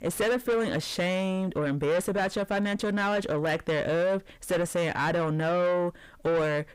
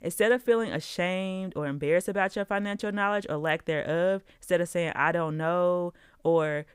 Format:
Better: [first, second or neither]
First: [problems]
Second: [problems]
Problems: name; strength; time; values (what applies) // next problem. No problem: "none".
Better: second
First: distortion; heavy; 7 dB below the speech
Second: none